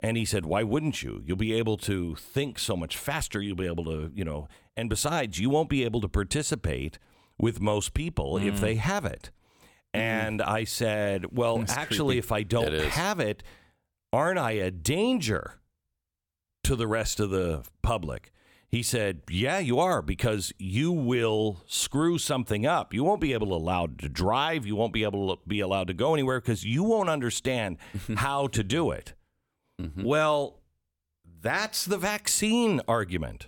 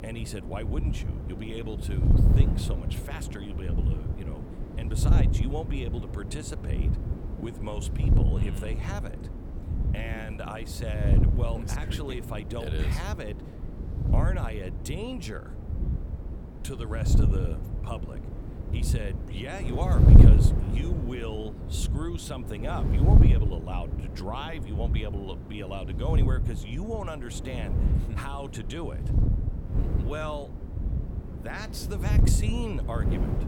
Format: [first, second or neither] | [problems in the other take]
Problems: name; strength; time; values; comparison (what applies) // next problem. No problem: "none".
first | wind noise on the microphone; heavy; 2 dB below the speech